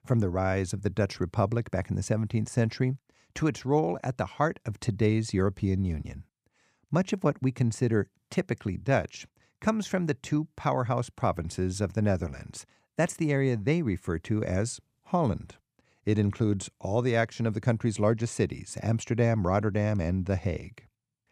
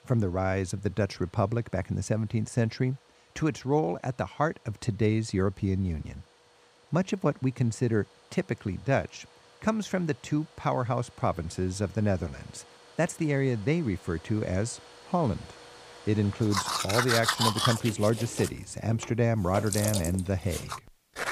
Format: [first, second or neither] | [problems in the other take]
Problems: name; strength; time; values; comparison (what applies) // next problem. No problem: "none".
first | household noises; loud; throughout; 3 dB below the speech